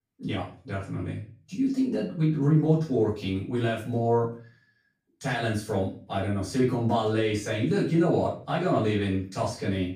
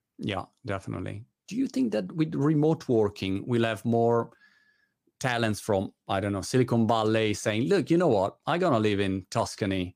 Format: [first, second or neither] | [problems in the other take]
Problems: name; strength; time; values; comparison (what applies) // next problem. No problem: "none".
second | off-mic speech; far // room echo; slight; dies away in 0.4 s